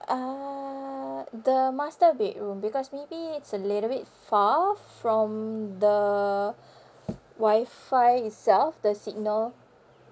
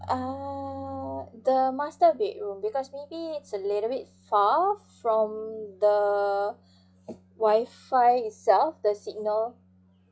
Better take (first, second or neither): first